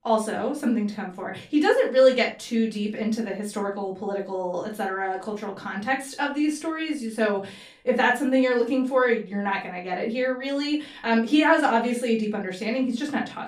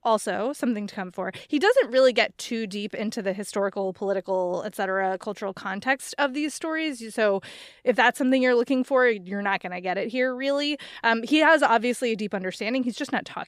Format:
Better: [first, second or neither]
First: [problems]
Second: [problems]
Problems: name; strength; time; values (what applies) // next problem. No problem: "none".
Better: second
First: room echo; slight; dies away in 0.3 s // off-mic speech; far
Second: none